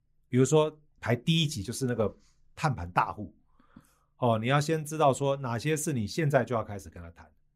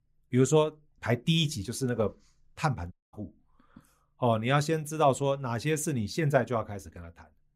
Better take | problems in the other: first | audio cutting out; at 3 s

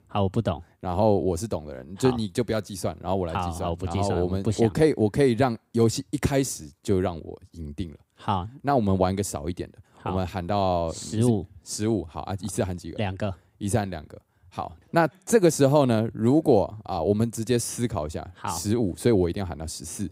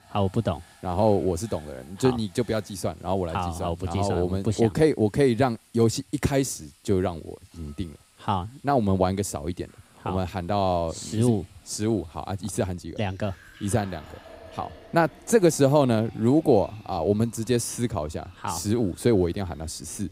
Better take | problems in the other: first | household noises; faint; throughout; 25 dB below the speech

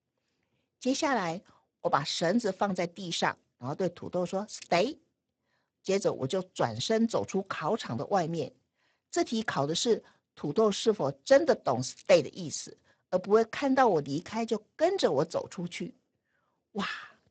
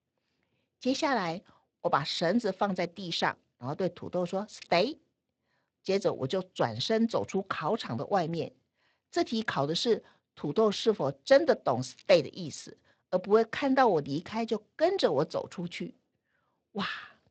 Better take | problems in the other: second | garbled, watery; badly; nothing above 7.5 kHz; slightly in the second

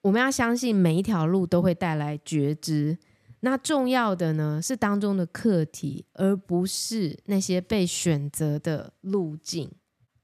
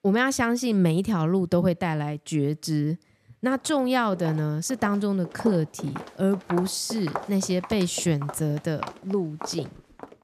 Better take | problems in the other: first | footsteps; noticeable; from 4 s on; peak 8 dB below the speech

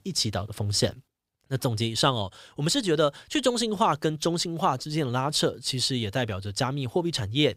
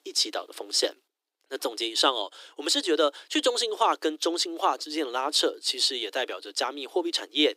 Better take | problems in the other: first | thin; somewhat; fading below 300 Hz

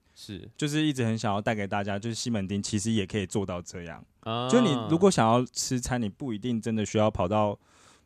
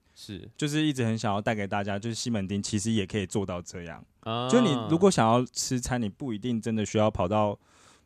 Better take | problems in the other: neither | none

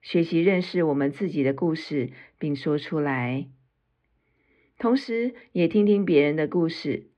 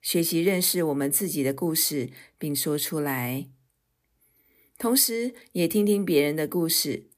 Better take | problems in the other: second | muffled; very; fading above 3 kHz

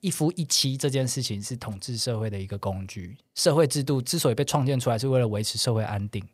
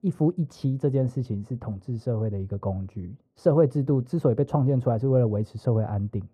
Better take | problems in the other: first | muffled; very; fading above 1.5 kHz

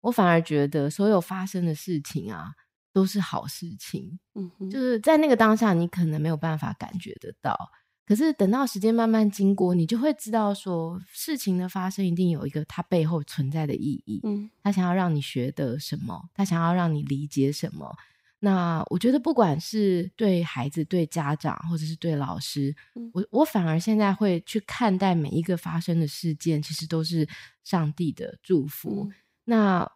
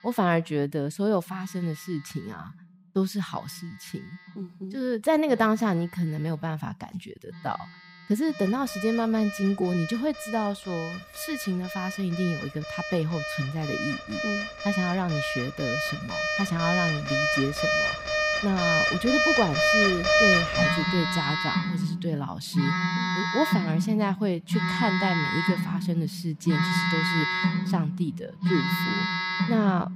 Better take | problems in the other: first | alarms or sirens; very loud; throughout; 2 dB above the speech

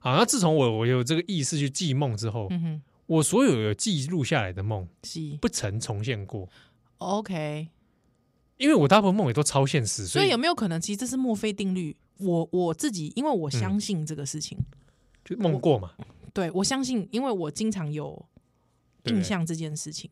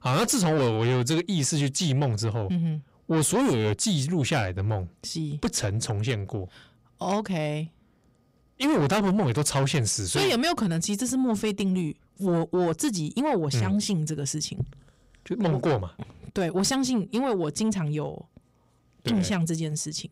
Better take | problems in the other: first | distortion; heavy; 8 dB below the speech

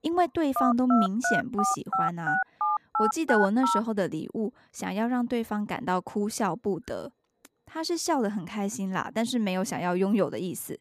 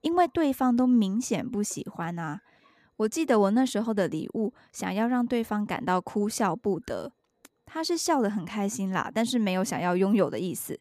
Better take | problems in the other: second | phone ringing; loud; from 0.5 to 4 s; peak 2 dB above the speech

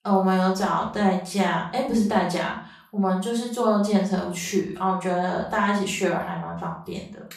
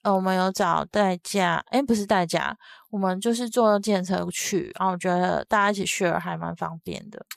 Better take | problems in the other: second | off-mic speech; far // room echo; noticeable; dies away in 0.4 s

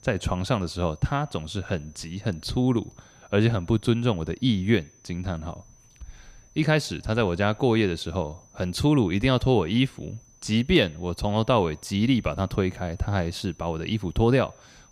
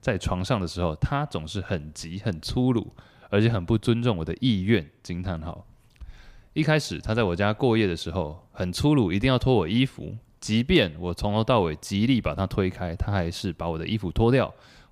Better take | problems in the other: second | high-pitched whine; faint; throughout; 6 kHz, 30 dB below the speech

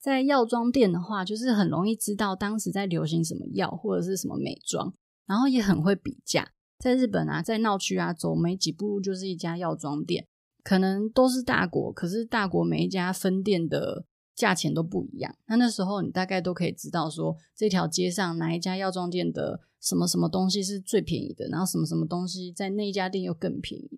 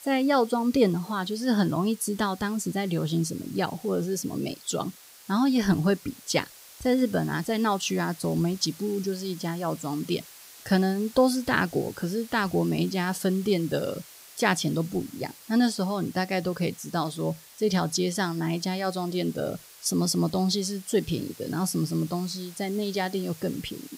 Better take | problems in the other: first | hiss; noticeable; throughout; 20 dB below the speech

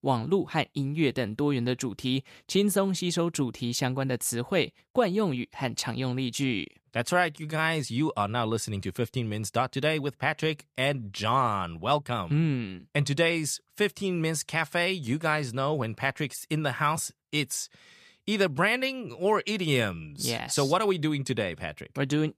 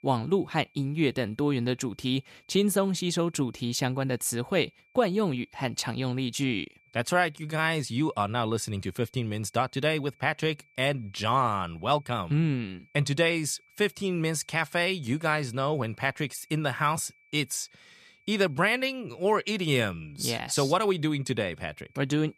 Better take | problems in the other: first | high-pitched whine; faint; throughout; 2.5 kHz, 35 dB below the speech

